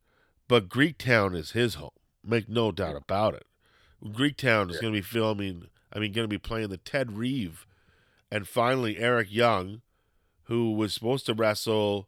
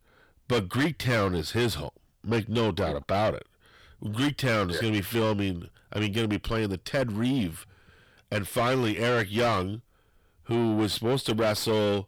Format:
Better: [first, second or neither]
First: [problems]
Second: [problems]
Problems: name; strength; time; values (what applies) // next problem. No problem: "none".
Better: first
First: none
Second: distortion; heavy; 6 dB below the speech